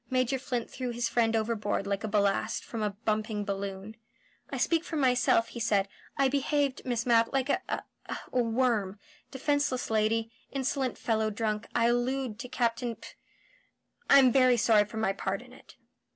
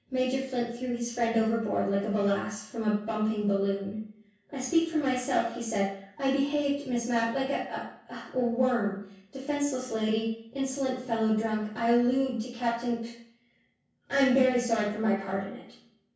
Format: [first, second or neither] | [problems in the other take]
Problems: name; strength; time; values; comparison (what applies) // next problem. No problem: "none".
first | room echo; dies away in 0.6 s